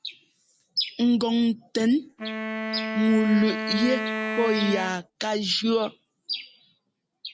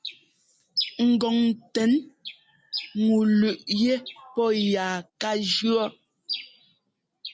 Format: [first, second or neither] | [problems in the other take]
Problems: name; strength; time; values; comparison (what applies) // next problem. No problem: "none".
second | background sound (Wind instrument, woodwind instrument); 5 dB below the speech